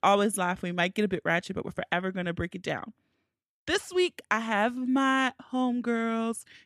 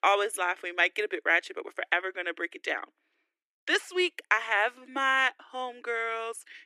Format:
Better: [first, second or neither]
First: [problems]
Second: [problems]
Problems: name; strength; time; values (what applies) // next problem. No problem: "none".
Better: first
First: none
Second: thin; very; fading below 300 Hz